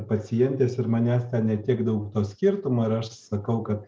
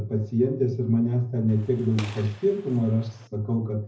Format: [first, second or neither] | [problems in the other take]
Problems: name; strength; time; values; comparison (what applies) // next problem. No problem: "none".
first | background sound (Gunshot, gunfire); 20 dB below the speech // room echo; dies away in 0.4 s